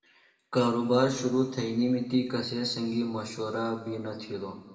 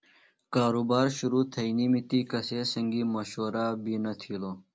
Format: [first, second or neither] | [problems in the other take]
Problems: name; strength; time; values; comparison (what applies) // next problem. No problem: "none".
second | room echo; dies away in 2 s